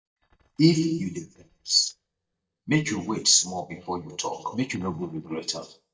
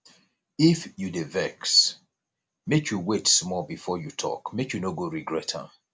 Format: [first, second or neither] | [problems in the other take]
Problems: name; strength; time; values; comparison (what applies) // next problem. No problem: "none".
second | noise reduction (neural mask model DeepFilterNet 3)